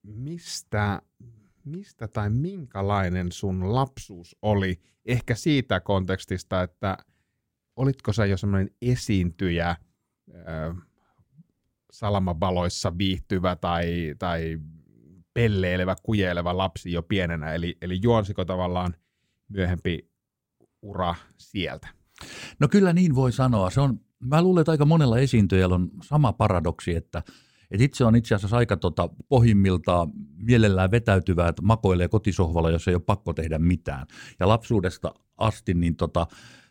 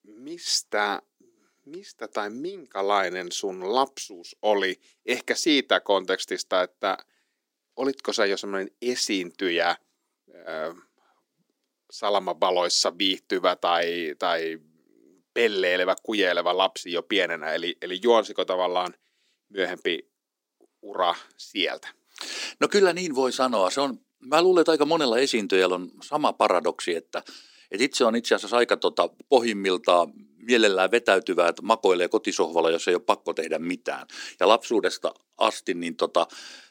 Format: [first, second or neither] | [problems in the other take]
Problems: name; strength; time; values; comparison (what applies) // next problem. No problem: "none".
first | thin; very; fading below 300 Hz